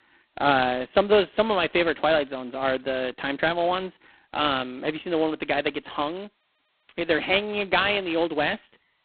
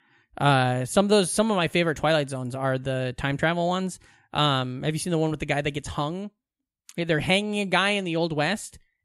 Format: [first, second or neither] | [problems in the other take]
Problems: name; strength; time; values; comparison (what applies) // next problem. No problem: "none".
second | phone-call audio; poor line; nothing above 4 kHz